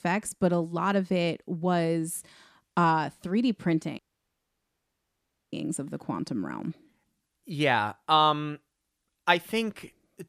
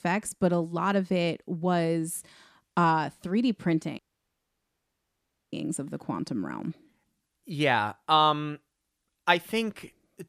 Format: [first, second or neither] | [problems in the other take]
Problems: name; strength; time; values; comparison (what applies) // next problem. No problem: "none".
neither | audio cutting out; at 4 s for 1.5 s; the same in both